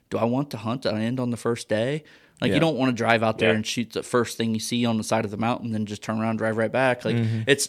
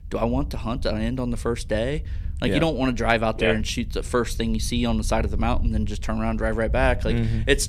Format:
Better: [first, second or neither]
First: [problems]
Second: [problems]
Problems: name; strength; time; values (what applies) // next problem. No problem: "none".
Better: first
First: none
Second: low rumble; faint; throughout; 25 dB below the speech